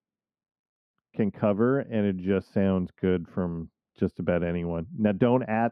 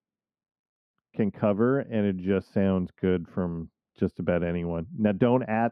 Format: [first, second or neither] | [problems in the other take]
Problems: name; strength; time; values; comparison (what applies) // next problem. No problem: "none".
neither | muffled; very; fading above 2.5 kHz; the same in both